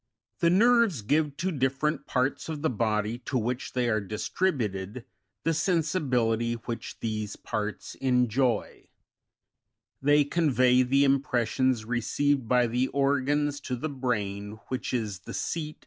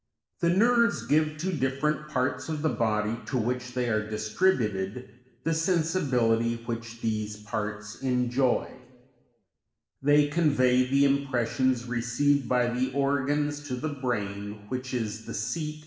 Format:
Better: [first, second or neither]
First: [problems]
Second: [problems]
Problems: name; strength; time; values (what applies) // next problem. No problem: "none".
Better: first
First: none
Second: room echo; dies away in 1 s